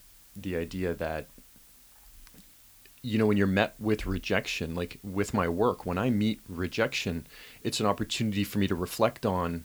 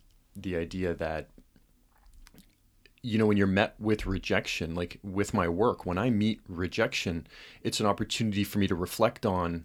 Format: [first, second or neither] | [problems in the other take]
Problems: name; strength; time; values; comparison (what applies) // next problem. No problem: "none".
second | hiss; faint; throughout; 25 dB below the speech